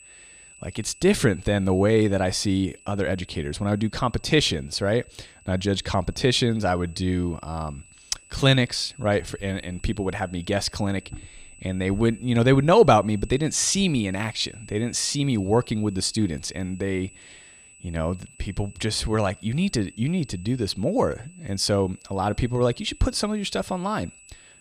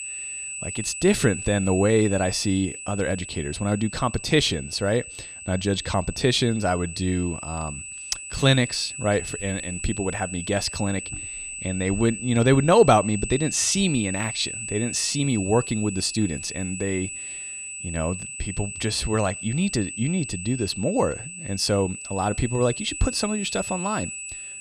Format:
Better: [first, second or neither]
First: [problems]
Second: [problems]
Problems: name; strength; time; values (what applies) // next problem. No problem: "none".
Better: first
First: high-pitched whine; faint; throughout; 8 kHz, 25 dB below the speech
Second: high-pitched whine; loud; throughout; 8 kHz, 8 dB below the speech